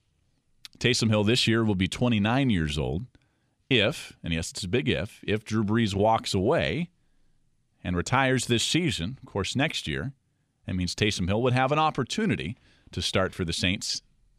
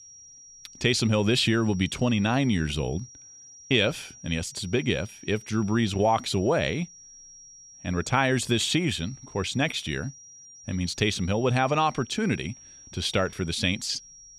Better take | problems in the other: first | high-pitched whine; noticeable; throughout; 5.5 kHz, 20 dB below the speech

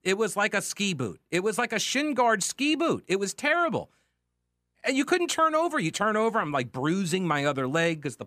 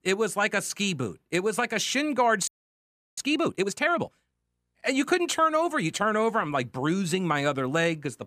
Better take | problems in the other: first | audio freezing; at 2.5 s for 0.5 s

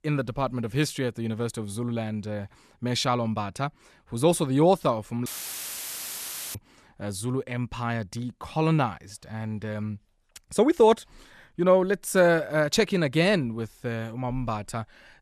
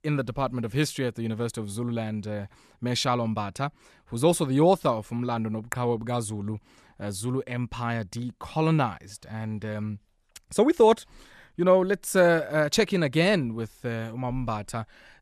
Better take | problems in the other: second | audio cutting out; filled with static; at 5.5 s for 1.5 s

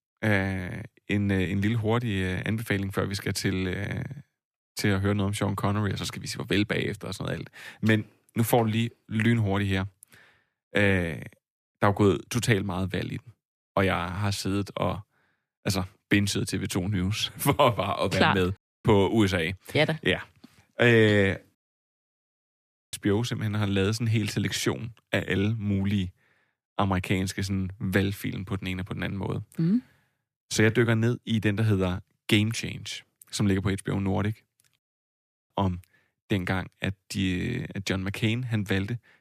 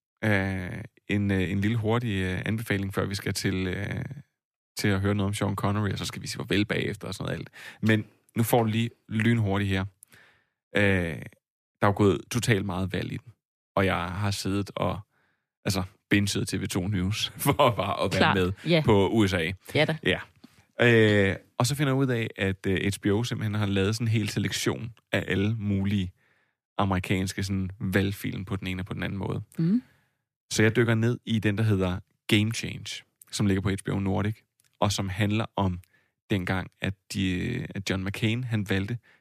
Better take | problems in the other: second | audio cutting out; at 19 s, at 22 s for 1.5 s and at 35 s for 0.5 s

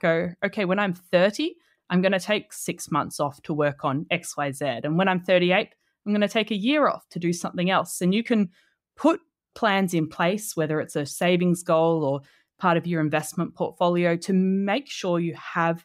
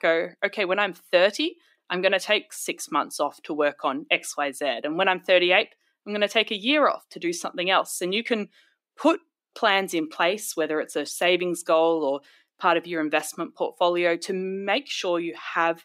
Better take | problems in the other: first | thin; somewhat; fading below 300 Hz

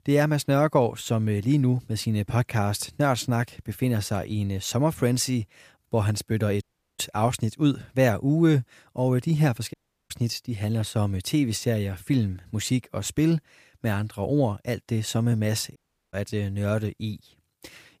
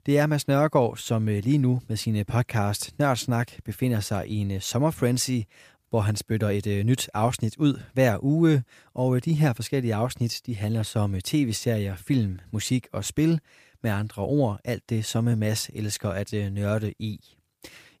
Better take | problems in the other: second | audio cutting out; at 6.5 s, at 9.5 s and at 16 s

